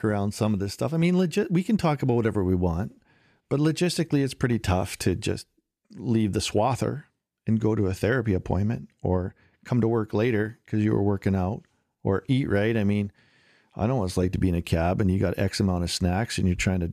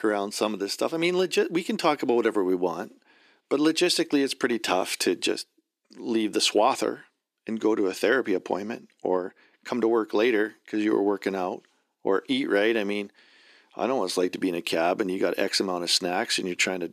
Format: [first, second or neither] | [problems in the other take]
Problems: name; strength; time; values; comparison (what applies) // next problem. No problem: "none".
first | thin; somewhat; fading below 300 Hz